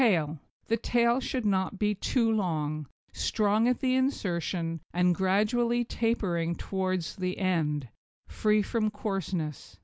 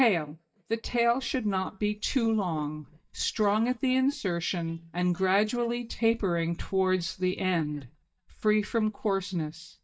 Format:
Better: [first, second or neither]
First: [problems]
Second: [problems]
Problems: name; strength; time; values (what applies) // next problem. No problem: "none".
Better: first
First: none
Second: noise reduction (neural mask model DeepFilterNet 3)